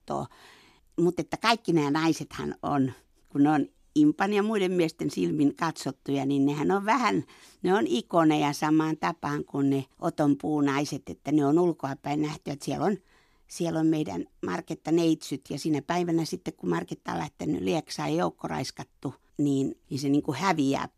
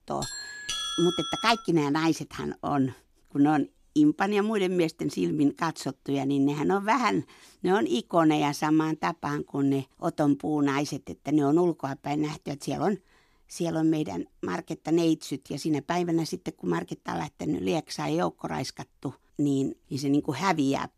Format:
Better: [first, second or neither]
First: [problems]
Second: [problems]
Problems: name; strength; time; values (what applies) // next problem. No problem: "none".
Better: first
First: none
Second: doorbell; noticeable; until 1.5 s; peak 2 dB below the speech